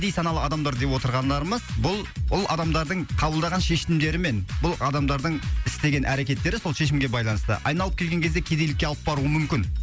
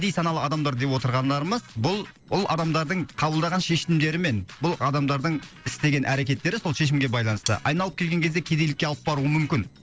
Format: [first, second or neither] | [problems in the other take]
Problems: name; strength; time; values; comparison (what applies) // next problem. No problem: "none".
first | noise reduction (neural separator model SepFormer DNS4)